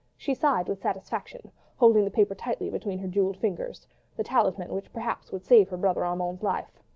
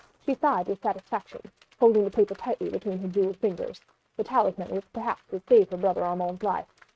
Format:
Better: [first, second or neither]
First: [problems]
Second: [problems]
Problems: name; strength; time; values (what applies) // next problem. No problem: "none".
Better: first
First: none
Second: noise reduction (neural mask model RNNoise)